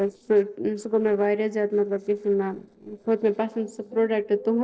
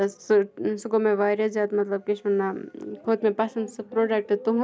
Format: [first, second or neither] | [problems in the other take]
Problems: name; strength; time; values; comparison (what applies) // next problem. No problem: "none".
second | noise reduction (neural separator model SepFormer DNS4)